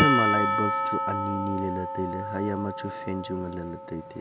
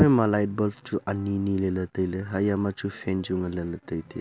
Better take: second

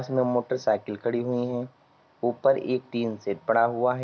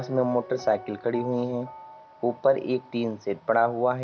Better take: first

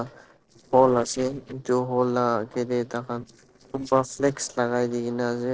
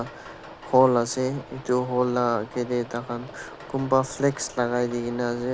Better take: second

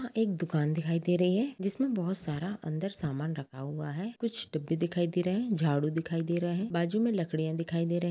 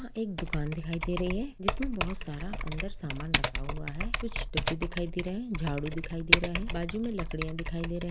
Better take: first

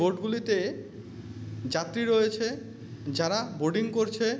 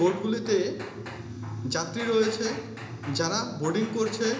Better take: first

